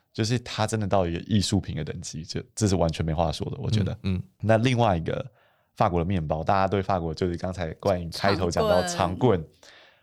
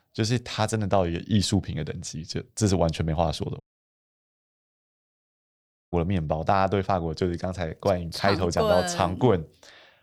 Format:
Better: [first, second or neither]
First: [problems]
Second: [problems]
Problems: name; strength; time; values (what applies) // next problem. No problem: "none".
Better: first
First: none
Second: audio cutting out; at 3.5 s for 2.5 s